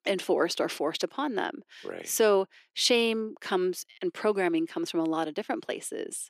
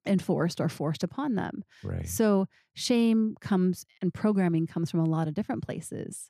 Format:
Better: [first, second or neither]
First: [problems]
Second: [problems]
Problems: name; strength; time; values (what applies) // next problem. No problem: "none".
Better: second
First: thin; very; fading below 350 Hz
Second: none